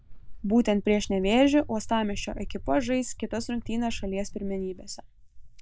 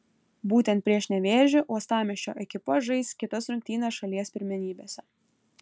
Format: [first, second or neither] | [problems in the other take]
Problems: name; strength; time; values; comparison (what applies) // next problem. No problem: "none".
second | noise reduction (neural mask model DeepFilterNet 3)